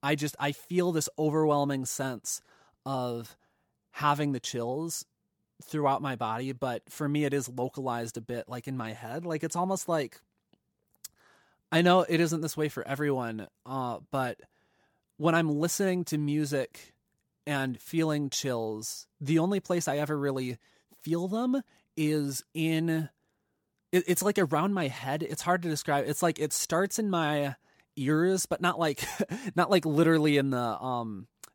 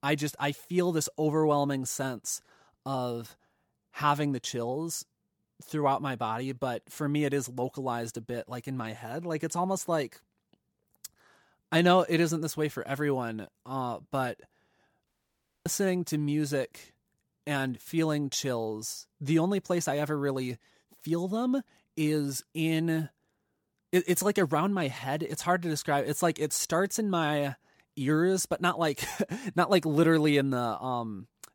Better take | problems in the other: first | audio cutting out; at 15 s for 0.5 s

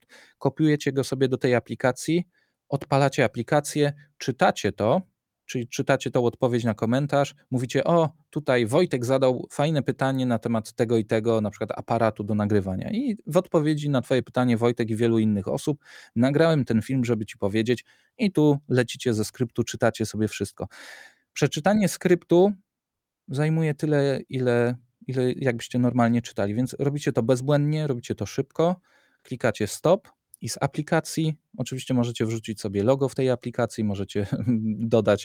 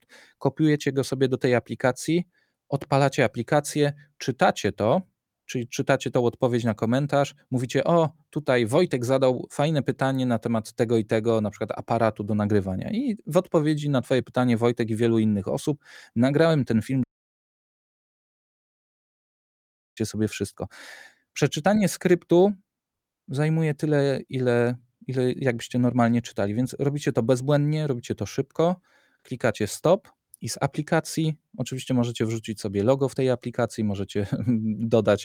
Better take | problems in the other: first | audio cutting out; at 17 s for 3 s

